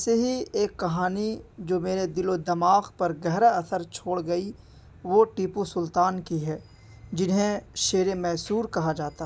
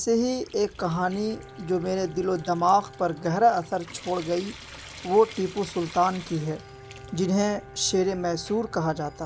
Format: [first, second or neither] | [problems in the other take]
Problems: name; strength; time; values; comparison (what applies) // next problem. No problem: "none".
first | background sound (Bowed string instrument + Trickle, dribble / Sink (filling or washing) / Water tap, faucet); 19 dB below the speech